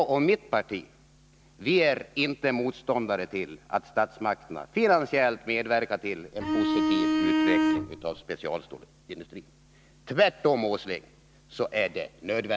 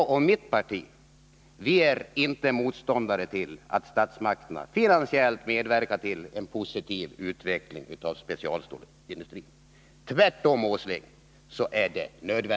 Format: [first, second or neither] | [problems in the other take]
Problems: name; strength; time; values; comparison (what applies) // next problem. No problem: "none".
second | background sound (Bowed string instrument); 3 dB above the speech